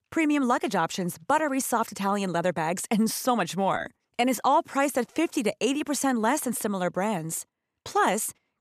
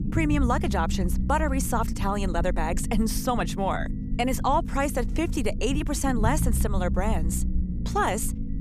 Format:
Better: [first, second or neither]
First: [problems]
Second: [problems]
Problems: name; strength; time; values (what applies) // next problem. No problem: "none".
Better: first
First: none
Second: low rumble; noticeable; throughout; 15 dB below the speech